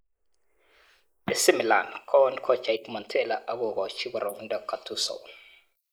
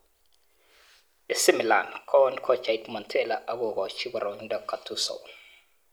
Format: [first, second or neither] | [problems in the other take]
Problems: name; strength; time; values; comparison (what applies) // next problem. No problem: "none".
second | noise reduction (neural mask model Resemble Enhance denoiser)